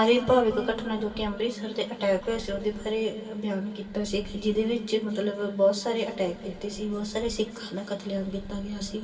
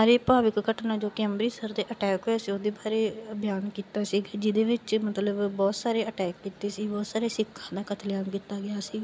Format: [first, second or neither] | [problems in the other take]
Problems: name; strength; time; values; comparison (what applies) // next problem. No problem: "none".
second | background sound (Purr); 19 dB below the speech // room echo; dies away in 2.4 s